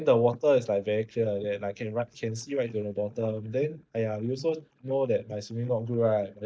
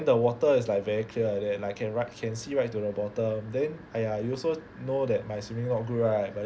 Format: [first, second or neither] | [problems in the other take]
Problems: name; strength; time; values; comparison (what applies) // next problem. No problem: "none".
second | noise reduction (neural mask model DeepFilterNet 3)